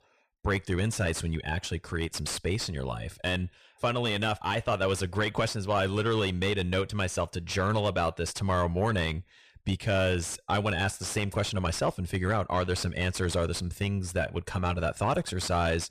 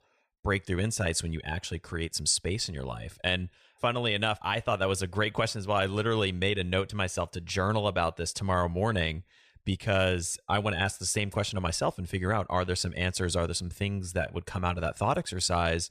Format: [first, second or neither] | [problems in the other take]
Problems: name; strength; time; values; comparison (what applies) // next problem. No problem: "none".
second | distortion; slight; 10 dB below the speech